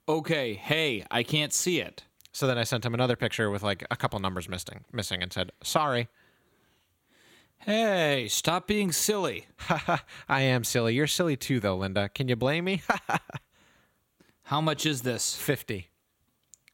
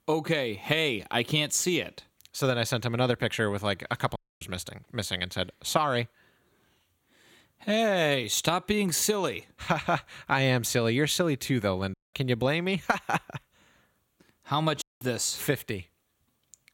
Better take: first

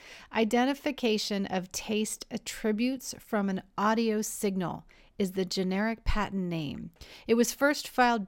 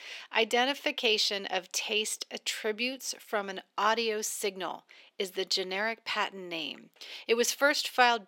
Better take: first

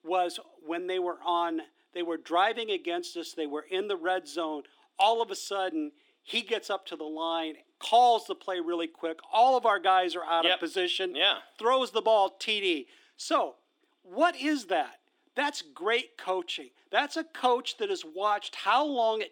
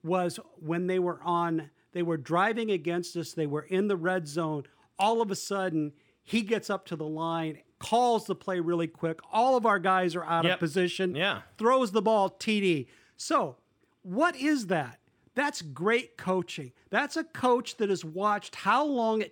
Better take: second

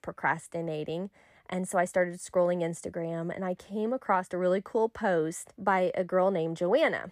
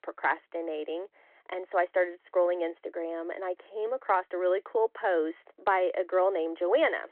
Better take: first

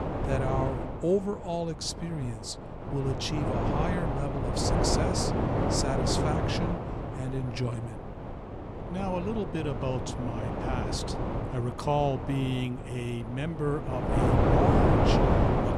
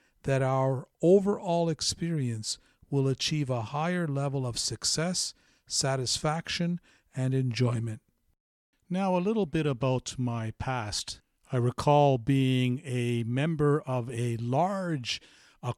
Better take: second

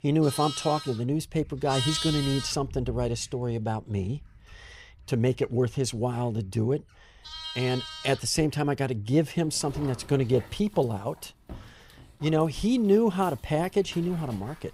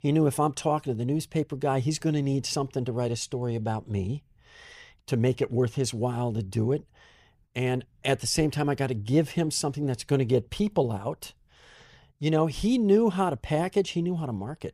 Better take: second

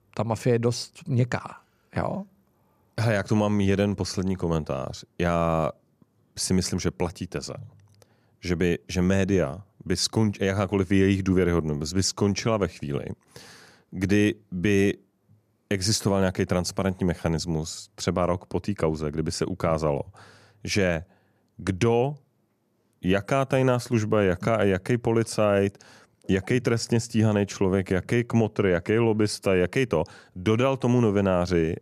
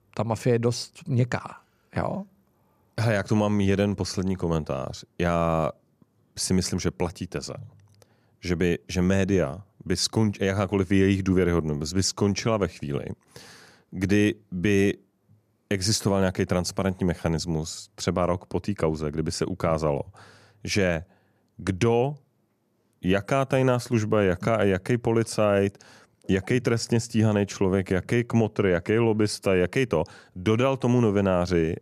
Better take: neither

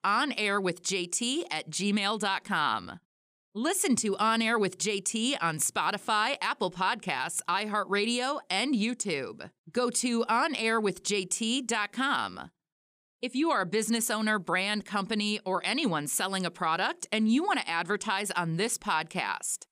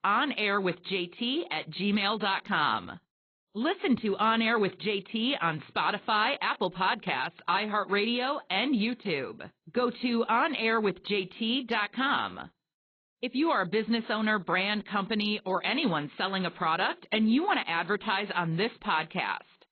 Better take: first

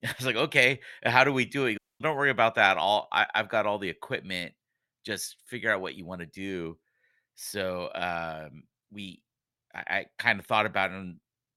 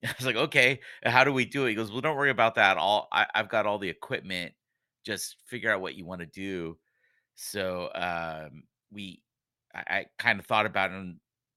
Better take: second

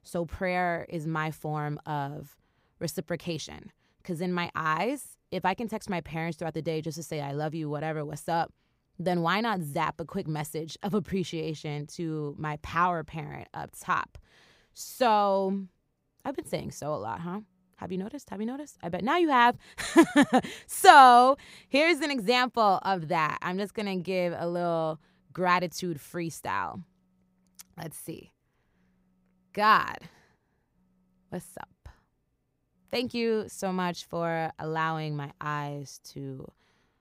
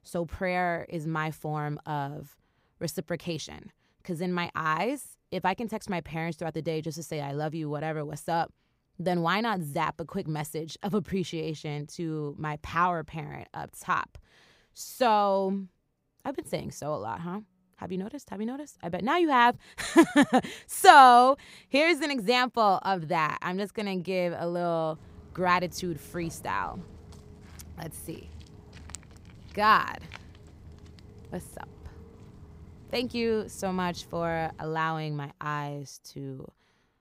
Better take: first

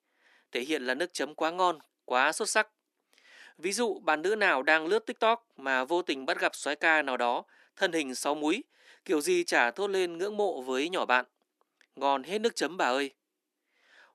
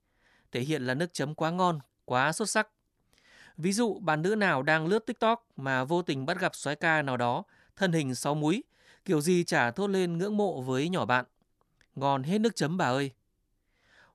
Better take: second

